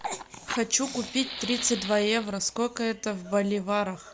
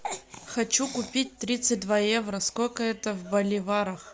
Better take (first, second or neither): second